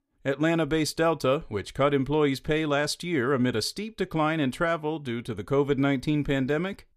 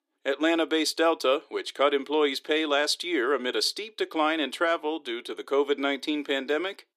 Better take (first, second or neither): first